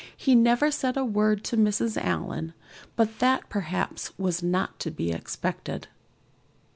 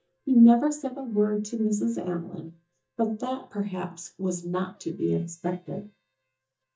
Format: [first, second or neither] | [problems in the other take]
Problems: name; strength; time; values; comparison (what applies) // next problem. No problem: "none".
first | noise reduction (neural mask model DeepFilterNet 3)